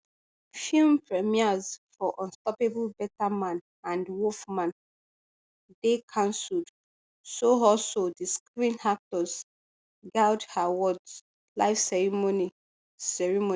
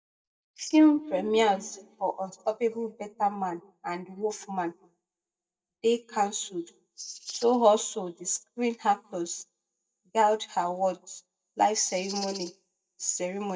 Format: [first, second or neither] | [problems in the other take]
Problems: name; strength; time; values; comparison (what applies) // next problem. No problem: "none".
first | noise reduction (neural mask model DeepFilterNet 3)